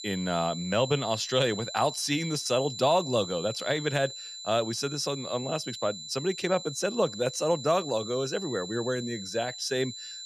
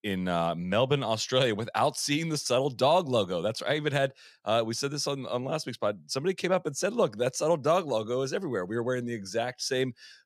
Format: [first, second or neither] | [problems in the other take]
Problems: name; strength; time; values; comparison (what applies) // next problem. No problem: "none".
second | high-pitched whine; loud; throughout; 4 kHz, 9 dB below the speech